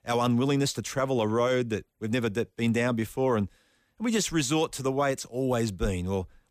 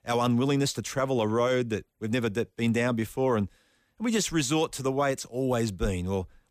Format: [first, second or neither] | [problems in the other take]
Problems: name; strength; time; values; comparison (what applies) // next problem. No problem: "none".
neither | none